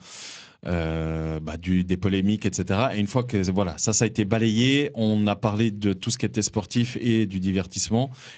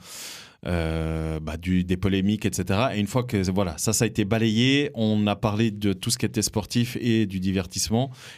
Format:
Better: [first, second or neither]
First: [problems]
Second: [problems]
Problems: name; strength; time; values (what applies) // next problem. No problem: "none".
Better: second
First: garbled, watery; slightly; nothing above 7.5 kHz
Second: none